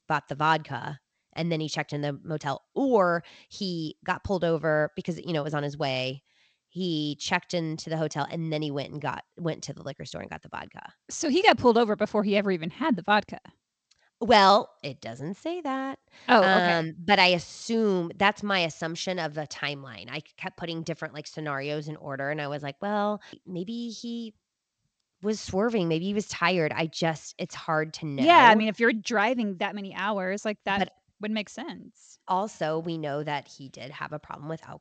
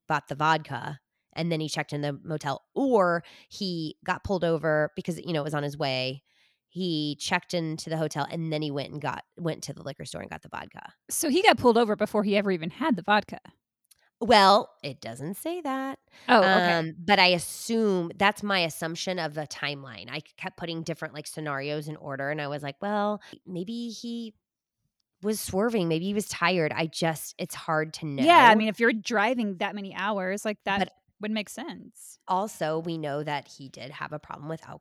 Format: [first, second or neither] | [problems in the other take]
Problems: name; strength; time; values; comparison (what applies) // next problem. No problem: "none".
second | garbled, watery; slightly; nothing above 7.5 kHz